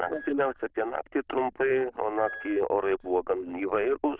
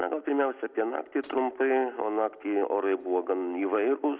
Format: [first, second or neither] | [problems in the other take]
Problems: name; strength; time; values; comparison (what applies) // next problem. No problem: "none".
second | noise reduction (neural diffusion model UNIVERSE++)